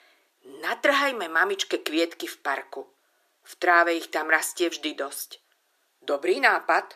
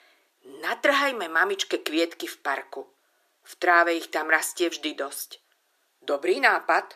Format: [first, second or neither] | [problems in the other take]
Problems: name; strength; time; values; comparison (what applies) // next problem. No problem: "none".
neither | thin; very; fading below 350 Hz; the same in both